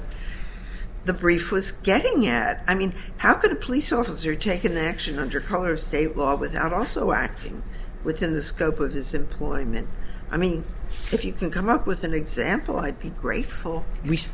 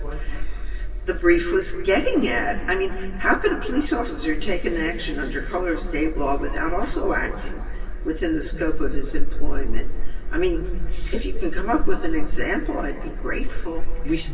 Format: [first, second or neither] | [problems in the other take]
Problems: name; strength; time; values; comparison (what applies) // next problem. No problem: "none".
first | room echo; dies away in 2.4 s